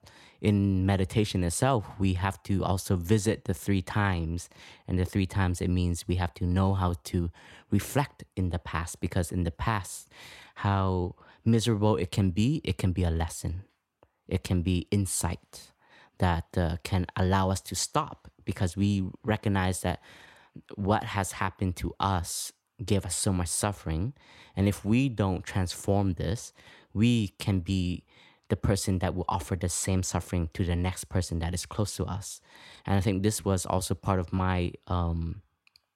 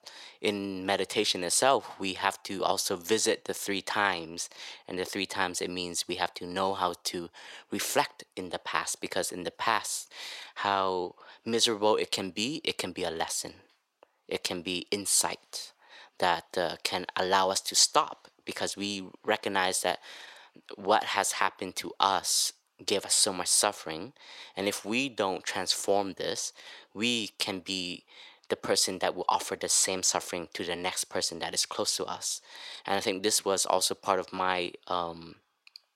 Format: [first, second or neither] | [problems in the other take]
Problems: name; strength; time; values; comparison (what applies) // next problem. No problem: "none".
first | thin; very; fading below 500 Hz